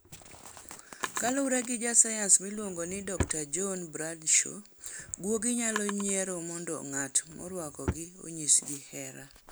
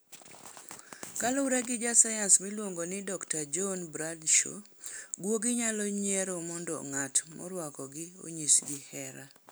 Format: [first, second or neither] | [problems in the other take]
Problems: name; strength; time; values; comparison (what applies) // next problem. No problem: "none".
second | background sound (Drawer open or close); 12 dB below the speech